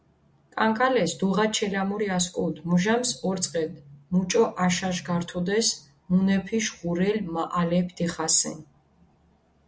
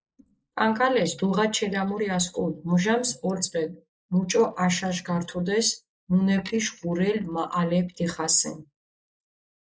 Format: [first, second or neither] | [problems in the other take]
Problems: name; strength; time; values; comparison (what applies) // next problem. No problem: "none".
first | noise reduction (neural mask model Resemble Enhance denoiser)